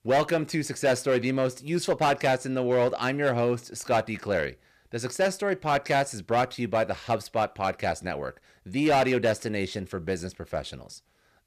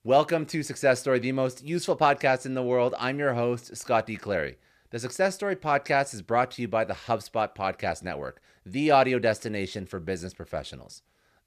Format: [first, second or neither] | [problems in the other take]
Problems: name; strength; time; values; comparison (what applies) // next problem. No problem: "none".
second | distortion; slight; 5% of the sound clipped